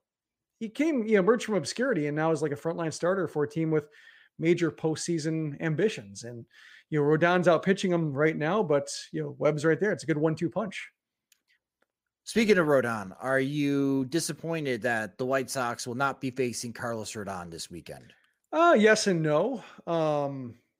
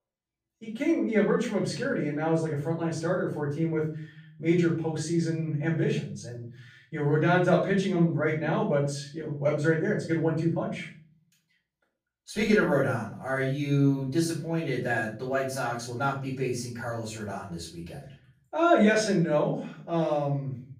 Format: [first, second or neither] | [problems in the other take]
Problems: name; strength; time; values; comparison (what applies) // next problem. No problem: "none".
first | room echo; noticeable; dies away in 0.7 s // off-mic speech; far